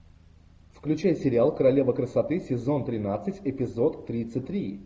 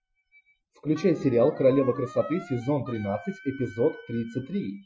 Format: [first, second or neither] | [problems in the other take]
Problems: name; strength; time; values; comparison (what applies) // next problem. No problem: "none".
first | noise reduction (classical method Wiener filter)